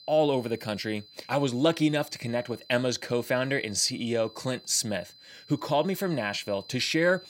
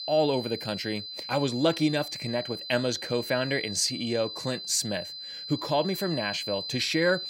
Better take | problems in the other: first | high-pitched whine; loud; throughout; 4 kHz, 7 dB below the speech; faint in the first

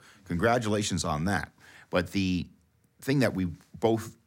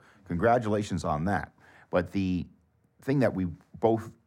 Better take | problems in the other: first | muffled; slightly; fading above 2 kHz

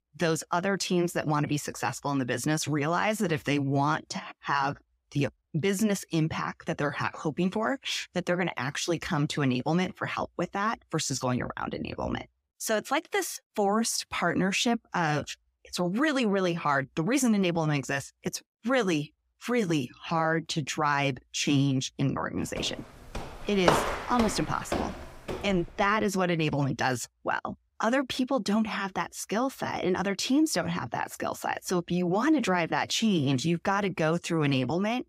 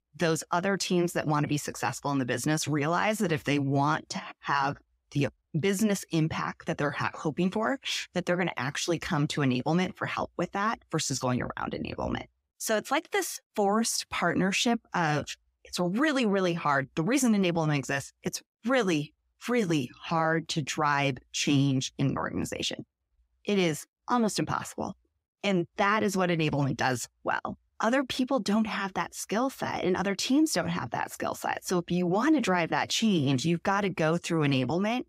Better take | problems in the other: second | footsteps; loud; from 23 to 25 s; peak 3 dB above the speech

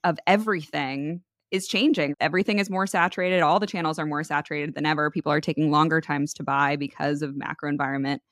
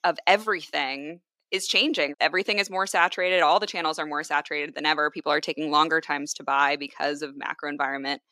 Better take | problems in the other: first | thin; somewhat; fading below 450 Hz

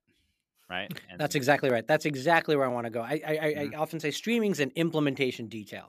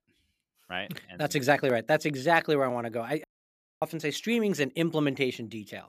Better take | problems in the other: first | audio cutting out; at 3 s for 0.5 s

